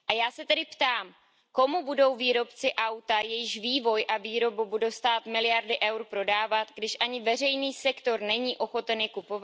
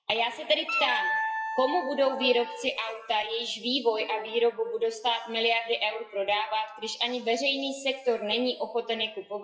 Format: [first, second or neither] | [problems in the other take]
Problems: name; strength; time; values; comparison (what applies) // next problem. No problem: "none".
first | noise reduction (classical method WPE with log-MMSE)